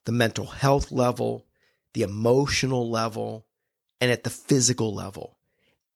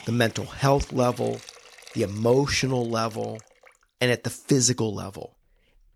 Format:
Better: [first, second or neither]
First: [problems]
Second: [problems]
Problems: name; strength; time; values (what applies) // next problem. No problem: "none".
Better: first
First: none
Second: hiss; faint; throughout; 20 dB below the speech